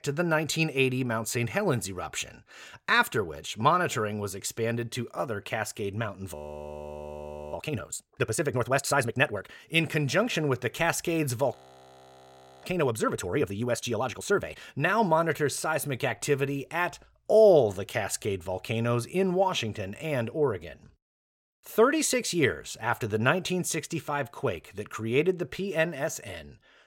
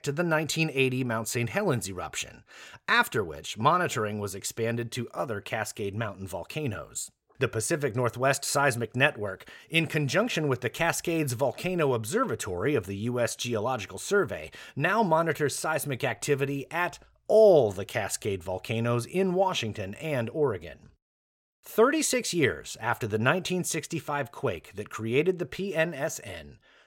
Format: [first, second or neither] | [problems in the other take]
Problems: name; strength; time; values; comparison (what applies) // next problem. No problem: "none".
second | audio freezing; at 6.5 s for 1 s and at 12 s for 1 s